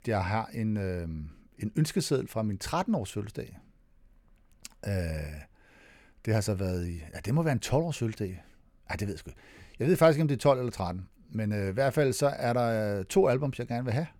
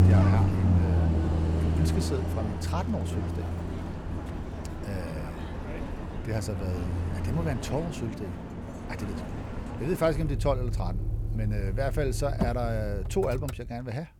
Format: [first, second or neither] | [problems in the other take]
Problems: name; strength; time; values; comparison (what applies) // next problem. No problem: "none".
first | traffic noise; very loud; throughout; 3 dB above the speech